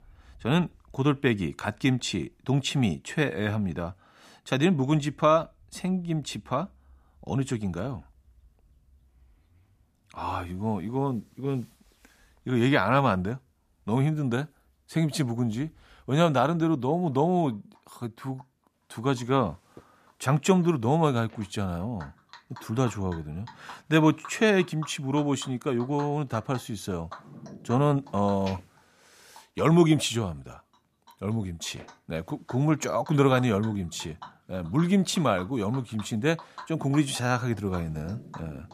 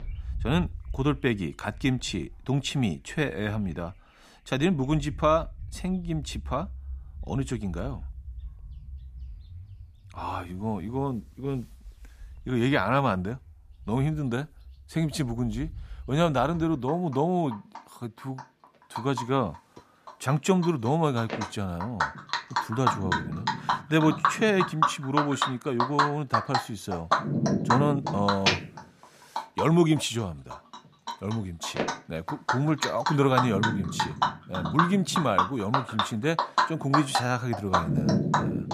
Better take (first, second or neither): first